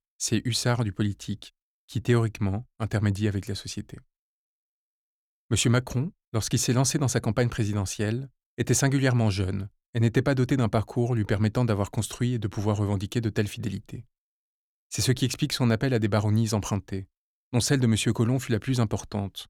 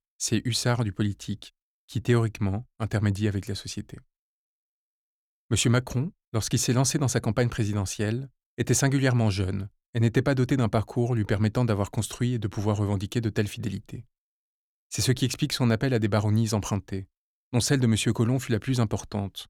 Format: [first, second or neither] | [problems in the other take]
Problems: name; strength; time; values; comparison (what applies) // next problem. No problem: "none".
neither | none